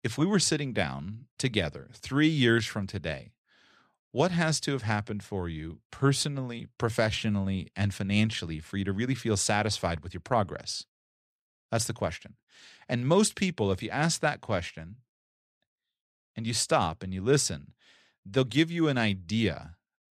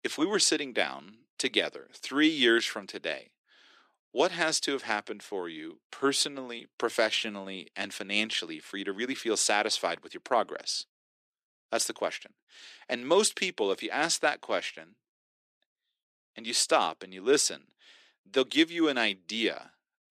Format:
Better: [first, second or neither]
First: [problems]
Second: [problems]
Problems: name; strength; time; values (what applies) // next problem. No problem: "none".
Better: first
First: none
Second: thin; somewhat; fading below 300 Hz